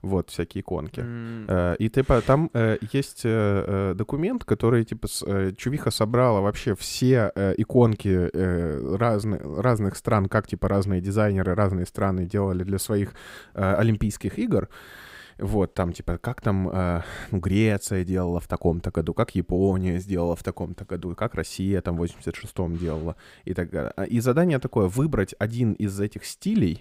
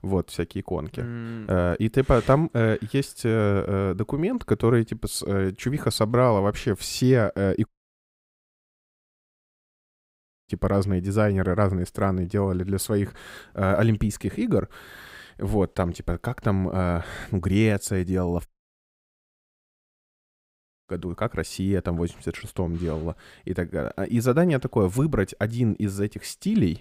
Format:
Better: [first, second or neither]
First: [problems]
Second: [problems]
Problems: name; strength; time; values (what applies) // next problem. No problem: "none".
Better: first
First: none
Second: audio cutting out; at 7.5 s for 3 s and at 18 s for 2.5 s